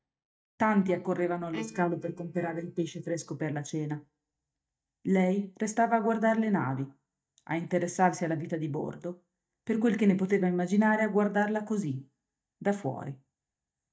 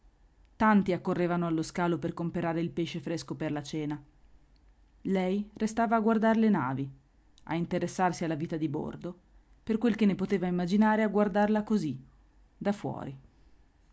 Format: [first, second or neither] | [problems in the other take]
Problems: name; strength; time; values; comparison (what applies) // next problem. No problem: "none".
second | noise reduction (neural mask model DeepFilterNet 3)